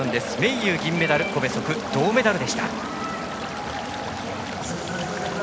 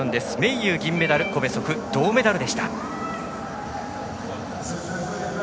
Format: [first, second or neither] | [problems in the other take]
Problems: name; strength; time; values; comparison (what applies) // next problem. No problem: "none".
second | background sound (Stream); 10 dB below the speech